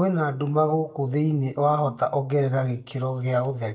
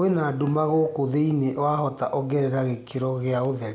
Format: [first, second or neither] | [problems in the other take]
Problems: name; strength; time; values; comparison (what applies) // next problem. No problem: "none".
second | noise reduction (neural mask model DeepFilterNet 3)